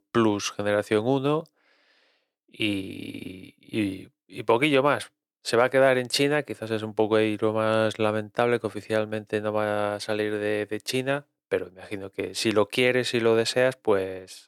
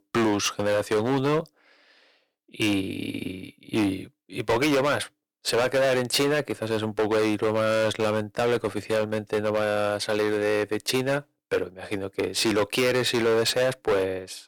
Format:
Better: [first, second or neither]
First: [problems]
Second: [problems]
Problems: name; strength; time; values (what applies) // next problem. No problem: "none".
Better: first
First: none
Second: distortion; heavy; 13% of the sound clipped